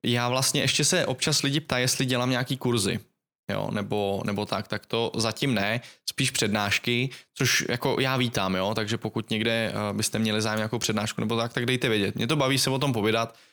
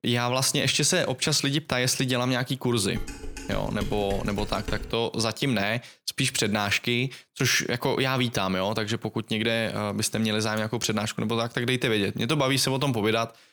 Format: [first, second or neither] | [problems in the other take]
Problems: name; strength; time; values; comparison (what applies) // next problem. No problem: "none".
first | clattering dishes; faint; from 3 to 5 s; peak 10 dB below the speech